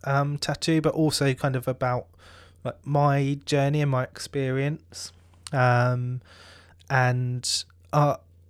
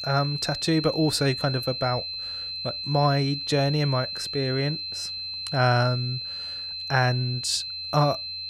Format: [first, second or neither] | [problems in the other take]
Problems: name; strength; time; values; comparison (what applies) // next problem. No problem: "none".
first | high-pitched whine; loud; throughout; 4 kHz, 5 dB below the speech